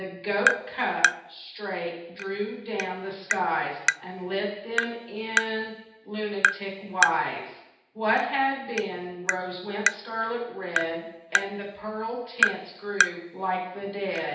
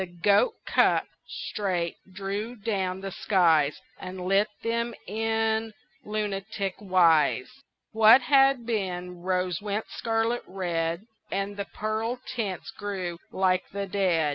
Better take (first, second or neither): second